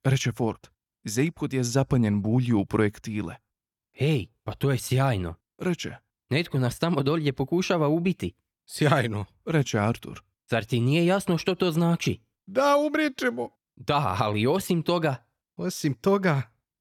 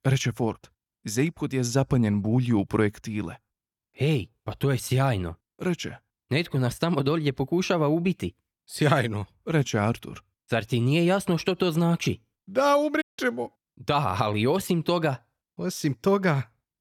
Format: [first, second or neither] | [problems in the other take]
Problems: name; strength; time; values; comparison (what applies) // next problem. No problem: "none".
first | audio cutting out; at 13 s